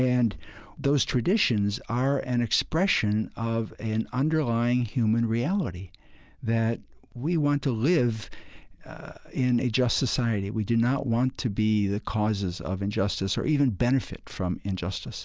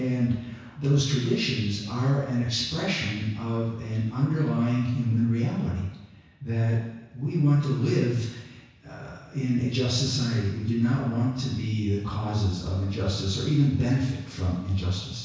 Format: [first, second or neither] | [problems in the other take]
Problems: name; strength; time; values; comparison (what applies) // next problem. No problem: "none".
first | room echo; dies away in 1.1 s